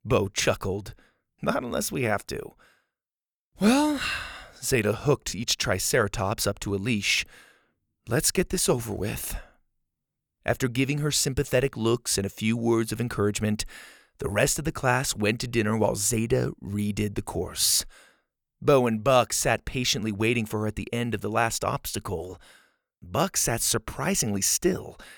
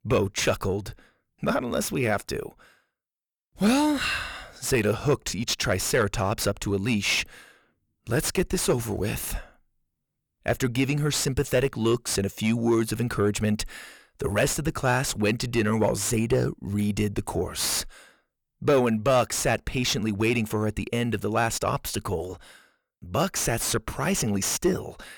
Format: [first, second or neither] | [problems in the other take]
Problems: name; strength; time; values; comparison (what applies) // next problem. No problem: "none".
first | distortion; slight; 10 dB below the speech